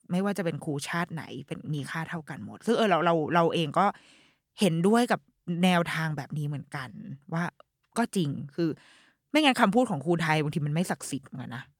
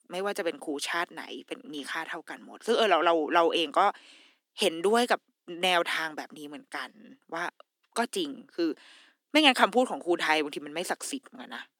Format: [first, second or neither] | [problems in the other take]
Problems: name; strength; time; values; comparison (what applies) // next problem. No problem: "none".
first | thin; somewhat; fading below 250 Hz